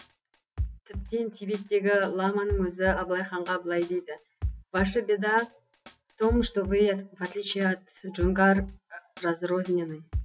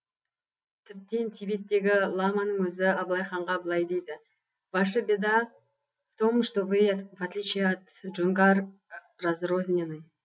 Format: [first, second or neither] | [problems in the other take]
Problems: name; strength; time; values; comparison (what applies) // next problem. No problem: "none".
second | background sound (Drum kit); 10 dB below the speech